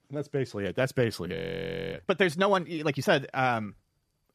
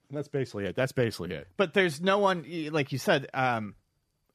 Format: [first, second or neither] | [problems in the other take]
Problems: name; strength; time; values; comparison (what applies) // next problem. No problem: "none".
second | audio freezing; at 1.5 s for 0.5 s